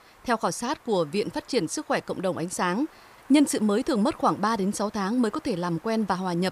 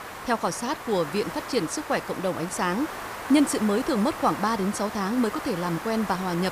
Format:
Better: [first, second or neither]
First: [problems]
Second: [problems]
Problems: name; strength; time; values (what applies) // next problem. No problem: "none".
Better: first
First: hiss; faint; throughout; 25 dB below the speech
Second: hiss; loud; throughout; 9 dB below the speech